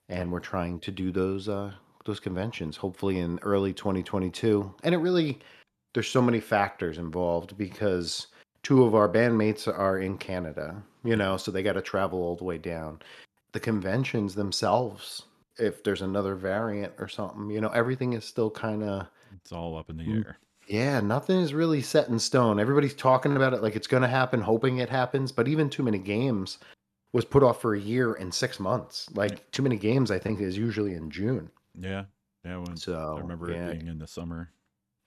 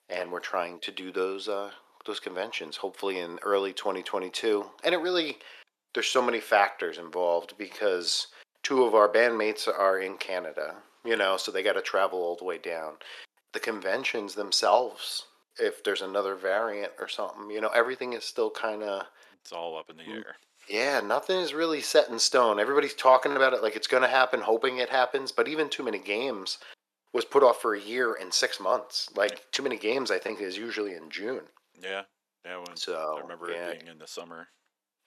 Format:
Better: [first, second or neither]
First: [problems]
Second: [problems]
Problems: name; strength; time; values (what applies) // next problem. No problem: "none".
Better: first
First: none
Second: thin; very; fading below 450 Hz